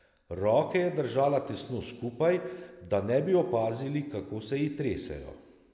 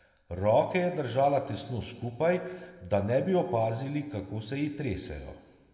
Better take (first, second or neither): first